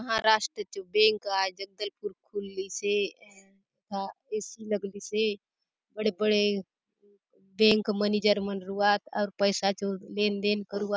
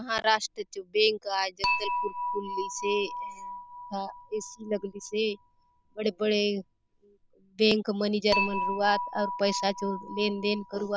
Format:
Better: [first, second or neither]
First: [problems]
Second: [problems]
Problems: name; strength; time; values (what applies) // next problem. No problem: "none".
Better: first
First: none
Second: background sound (Dishes, pots, and pans / Chink, clink); 6 dB below the speech